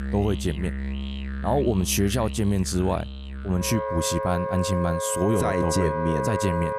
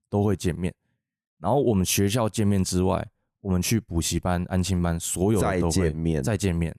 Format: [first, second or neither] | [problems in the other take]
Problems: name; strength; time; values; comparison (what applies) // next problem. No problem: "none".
second | background music; loud; throughout; 5 dB below the speech